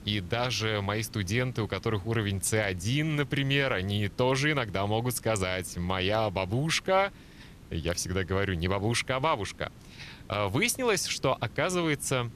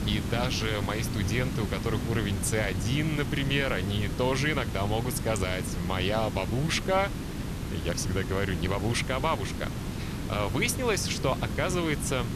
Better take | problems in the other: first | hiss; loud; throughout; 4 dB below the speech; faint in the first

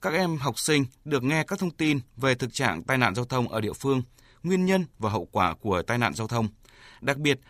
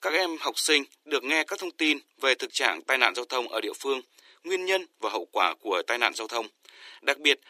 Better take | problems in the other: first | thin; very; fading below 300 Hz

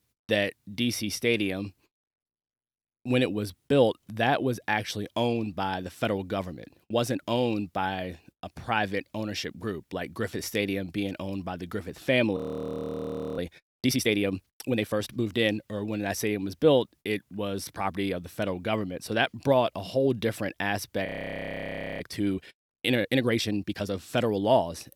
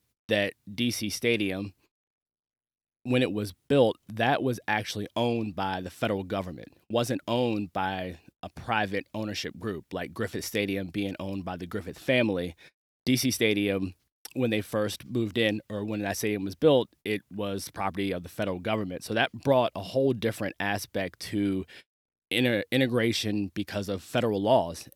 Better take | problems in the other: second | audio freezing; at 12 s for 1 s and at 21 s for 1 s

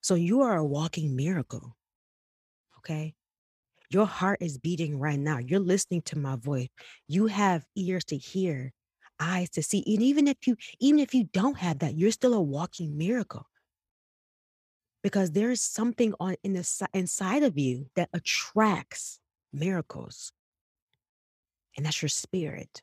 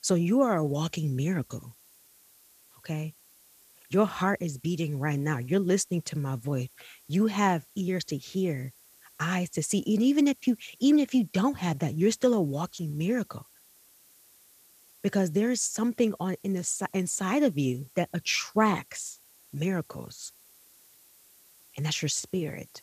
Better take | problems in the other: first | hiss; faint; throughout; 25 dB below the speech

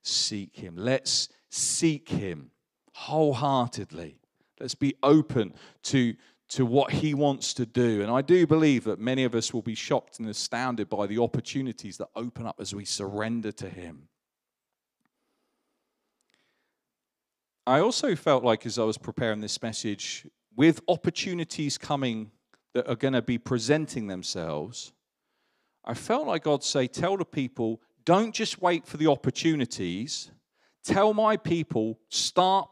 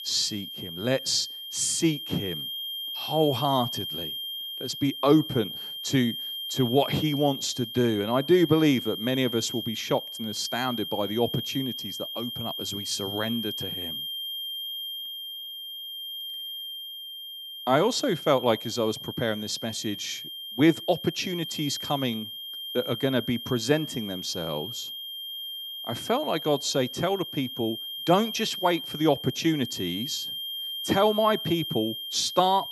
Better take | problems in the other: first | high-pitched whine; loud; throughout; 3 kHz, 7 dB below the speech

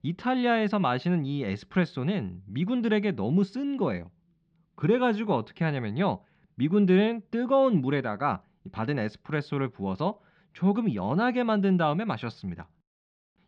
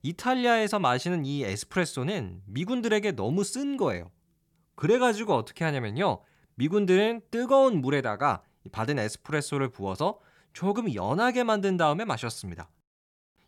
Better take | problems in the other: second | muffled; slightly; fading above 4 kHz

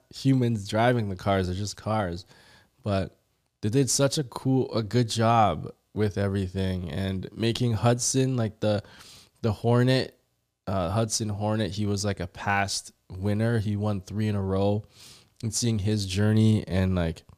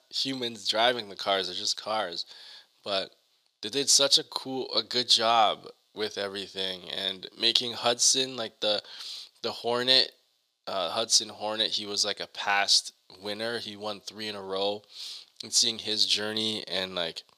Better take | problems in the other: first | thin; very; fading below 500 Hz

